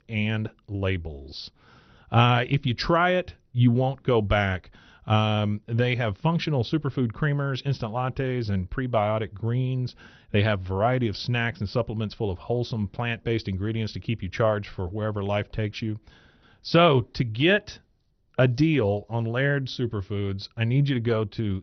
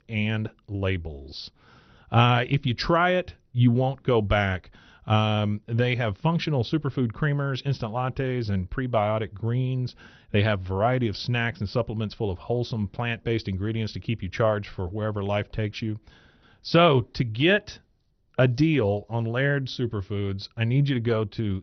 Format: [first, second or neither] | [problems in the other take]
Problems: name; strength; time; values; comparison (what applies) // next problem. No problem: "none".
neither | garbled, watery; slightly; nothing above 6 kHz; the same in both